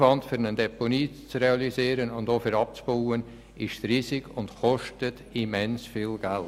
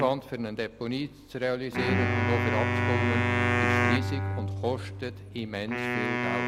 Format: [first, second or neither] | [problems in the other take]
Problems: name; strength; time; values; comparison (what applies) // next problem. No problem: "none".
first | background sound (Wind instrument, woodwind instrument + Bowed string instrument); 4 dB above the speech